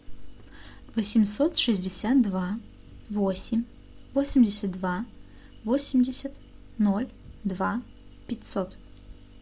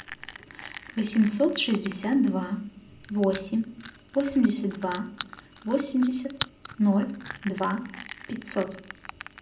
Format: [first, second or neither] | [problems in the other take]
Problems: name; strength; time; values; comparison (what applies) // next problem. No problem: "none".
first | background sound (Crushing); 15 dB below the speech // room echo; dies away in 0.5 s